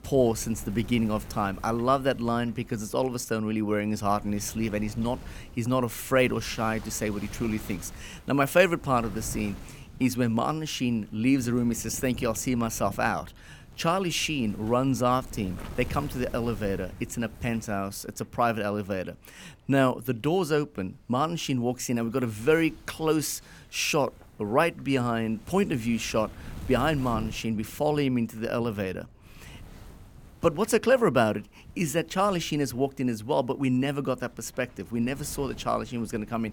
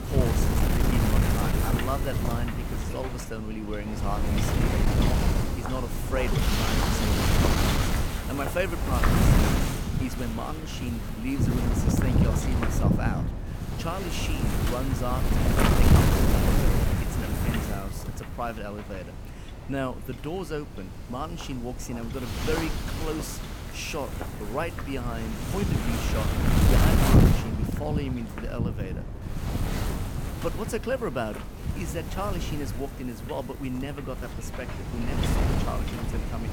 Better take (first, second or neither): first